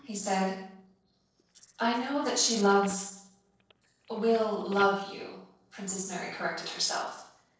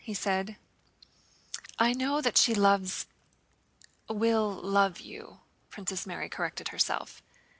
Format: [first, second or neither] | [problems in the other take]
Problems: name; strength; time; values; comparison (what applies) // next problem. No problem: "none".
second | noise reduction (neural separator model SepFormer DNS4)